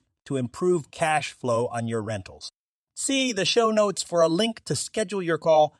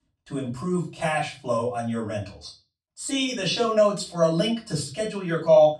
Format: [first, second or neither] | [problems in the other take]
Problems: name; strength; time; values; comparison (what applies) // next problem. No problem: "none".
first | room echo; slight; dies away in 0.3 s // off-mic speech; far